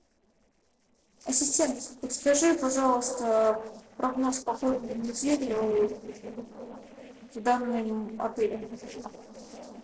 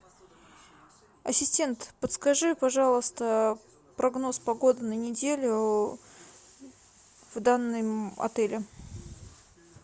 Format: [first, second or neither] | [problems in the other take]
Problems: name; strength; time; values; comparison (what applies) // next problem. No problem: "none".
second | noise reduction (neural separator model SepFormer DNS4)